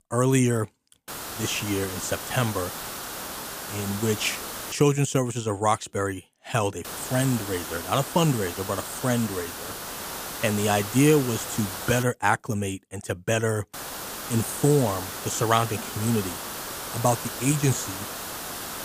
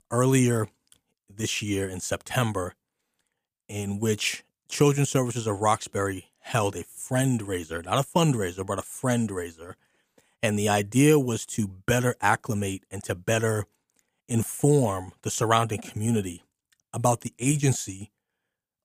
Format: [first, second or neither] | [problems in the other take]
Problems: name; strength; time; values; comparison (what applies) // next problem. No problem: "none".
second | hiss; loud; from 1 to 4.5 s, from 7 to 12 s and from 14 s on; 8 dB below the speech